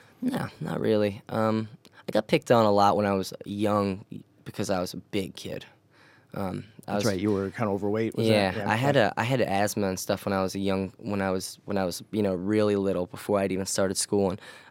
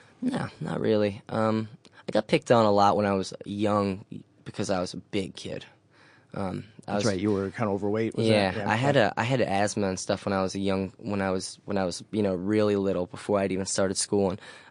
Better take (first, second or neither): first